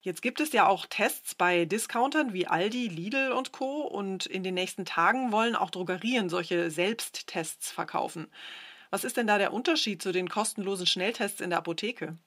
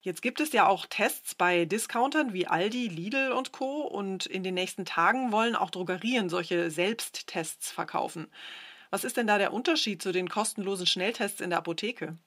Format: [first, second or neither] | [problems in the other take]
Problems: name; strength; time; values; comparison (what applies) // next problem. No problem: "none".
neither | thin; somewhat; fading below 300 Hz; the same in both